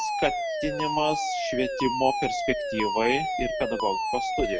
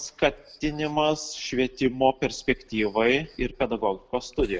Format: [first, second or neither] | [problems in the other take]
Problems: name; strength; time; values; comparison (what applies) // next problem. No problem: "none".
second | background sound (Alarm); as loud as the speech